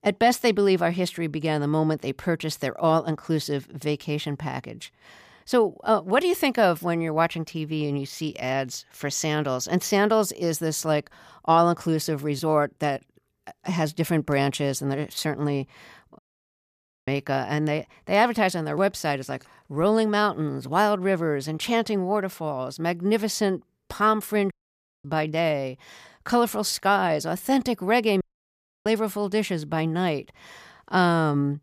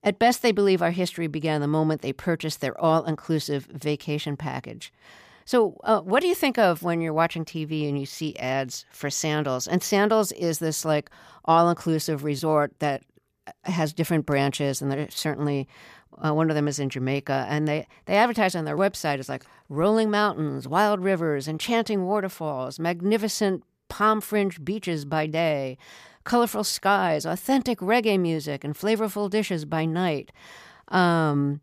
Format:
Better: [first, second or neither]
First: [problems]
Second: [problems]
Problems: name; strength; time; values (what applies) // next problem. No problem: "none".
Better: second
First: audio cutting out; at 16 s for 1 s, at 25 s for 0.5 s and at 28 s for 0.5 s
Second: none